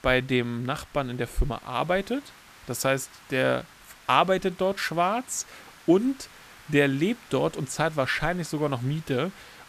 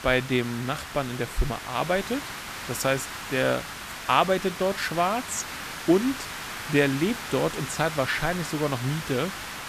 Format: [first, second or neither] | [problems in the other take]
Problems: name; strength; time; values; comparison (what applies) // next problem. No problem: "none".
first | hiss; loud; throughout; 8 dB below the speech; faint in the first